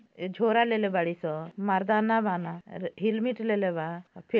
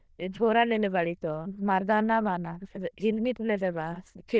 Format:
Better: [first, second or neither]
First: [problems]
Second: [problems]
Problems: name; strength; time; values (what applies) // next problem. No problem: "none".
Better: first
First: none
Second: noise reduction (neural diffusion model UNIVERSE++)